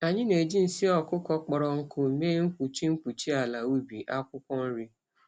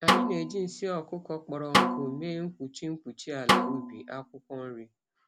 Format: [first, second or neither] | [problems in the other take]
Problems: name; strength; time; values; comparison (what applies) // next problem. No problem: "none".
first | background sound (Snare drum); 5 dB above the speech